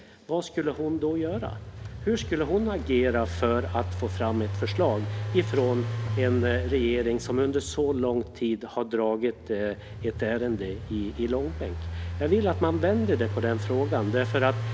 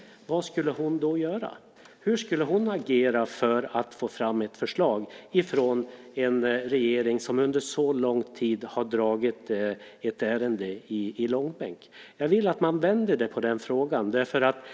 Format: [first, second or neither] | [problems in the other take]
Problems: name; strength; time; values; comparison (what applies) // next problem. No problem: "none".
second | background sound (Engine); 6 dB below the speech